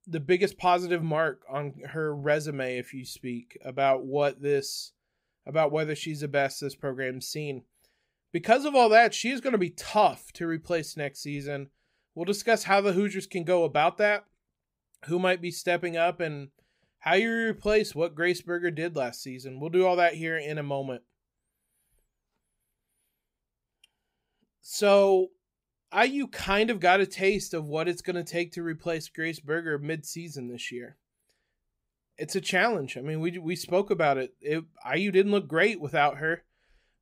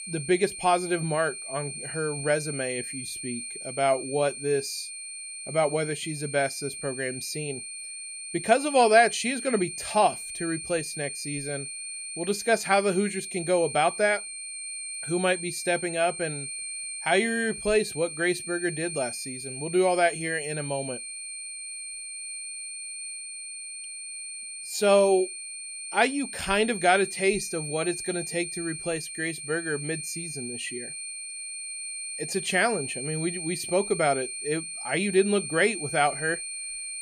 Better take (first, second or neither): first